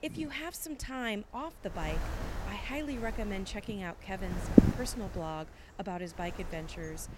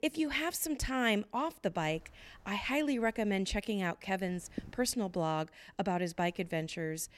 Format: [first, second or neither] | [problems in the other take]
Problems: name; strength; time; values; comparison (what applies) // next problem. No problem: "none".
second | wind noise on the microphone; heavy; 2 dB above the speech; occasional gusts in the second